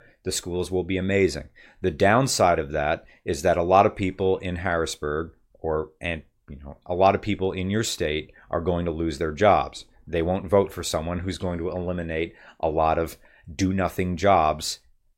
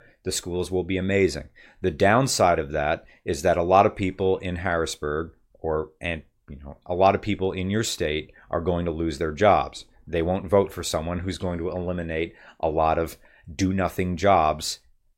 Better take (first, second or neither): neither